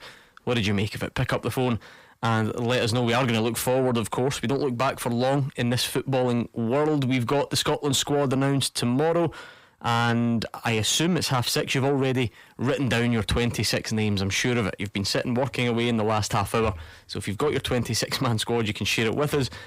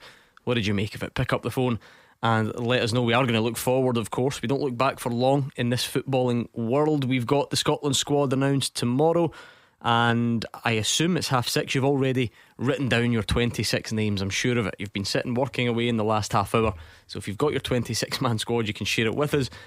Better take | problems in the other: second | distortion; slight; 10 dB below the speech

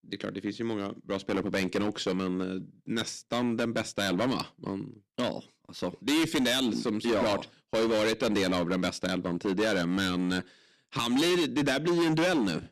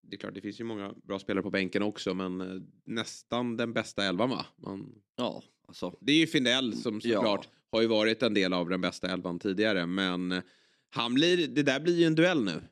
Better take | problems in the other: second | distortion; heavy; 13% of the sound clipped

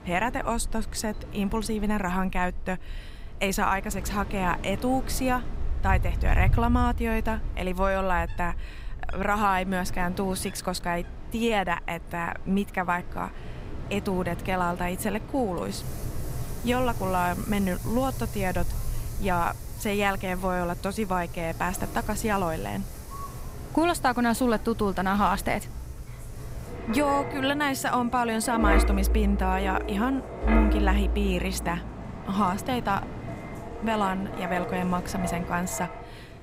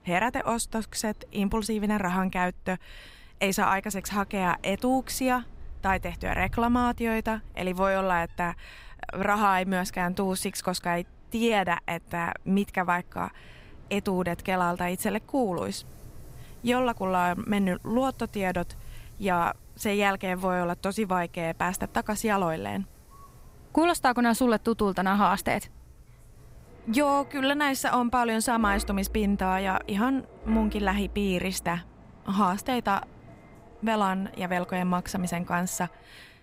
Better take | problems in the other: second | wind in the background; loud; throughout; 6 dB below the speech; faint in the second

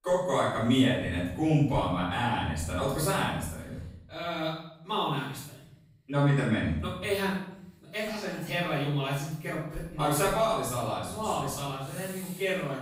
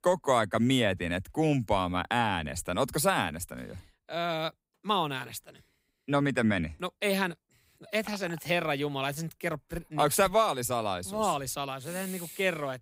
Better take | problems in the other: second | off-mic speech; far // room echo; noticeable; dies away in 0.7 s

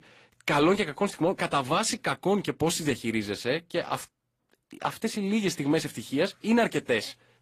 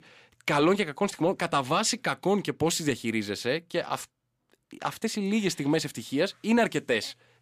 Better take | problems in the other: second | garbled, watery; slightly; nothing above 15 kHz

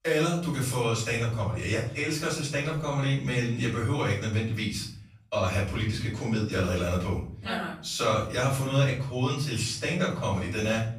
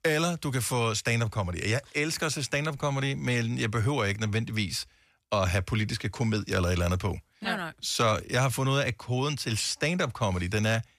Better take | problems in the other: second | off-mic speech; far // room echo; noticeable; dies away in 0.5 s

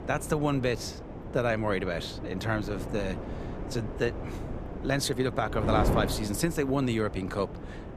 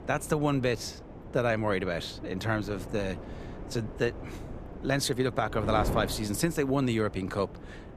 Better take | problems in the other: second | wind noise on the microphone; heavy; 9 dB below the speech; occasional gusts in the second

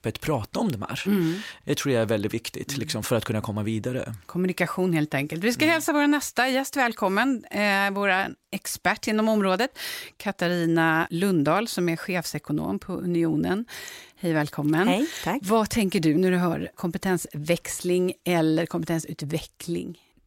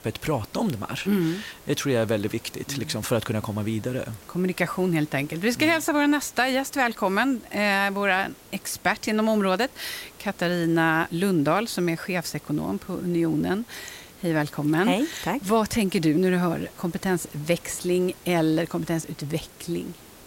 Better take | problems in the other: first | hiss; faint; throughout; 20 dB below the speech

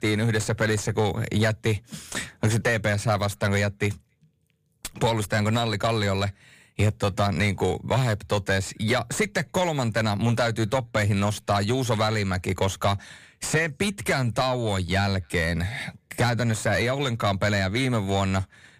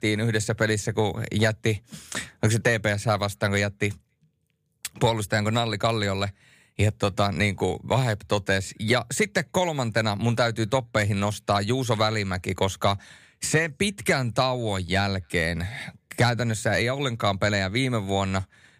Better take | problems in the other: second | distortion; slight; 10 dB below the speech

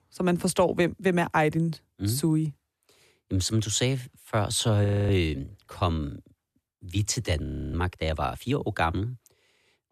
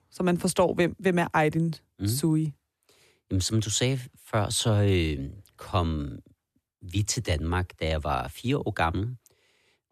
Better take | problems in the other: second | audio freezing; at 5 s and at 7.5 s

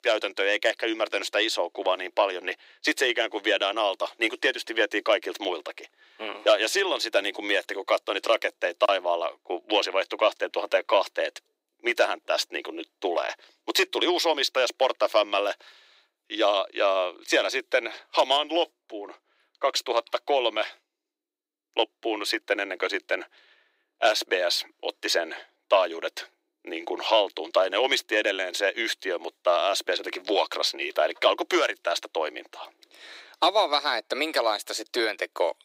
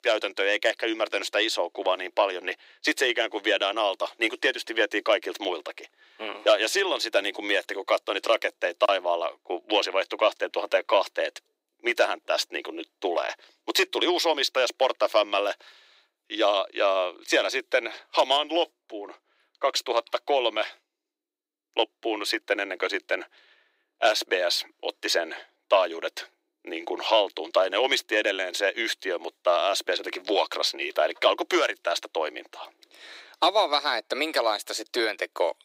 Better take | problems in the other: neither | thin; very; fading below 300 Hz; the same in both

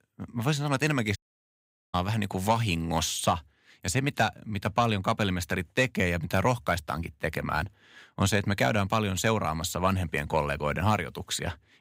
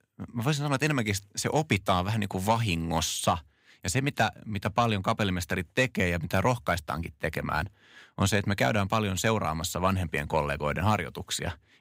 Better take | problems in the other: second | audio cutting out; at 1 s for 1 s

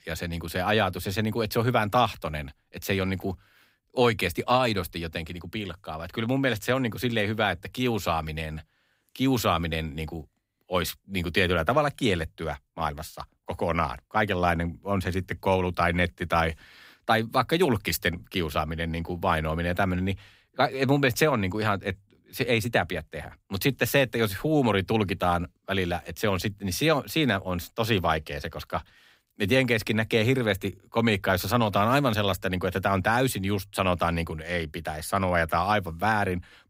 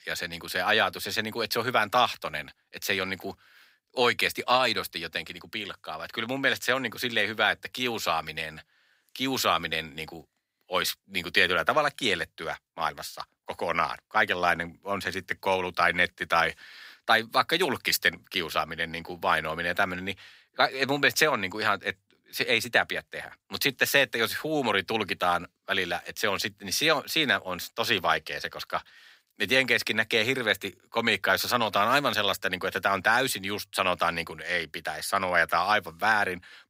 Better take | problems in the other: first | thin; somewhat; fading below 1 kHz

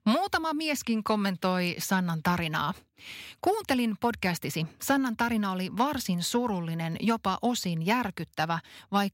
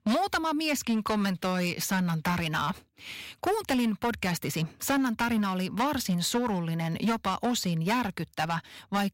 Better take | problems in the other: first | distortion; slight; 9% of the sound clipped

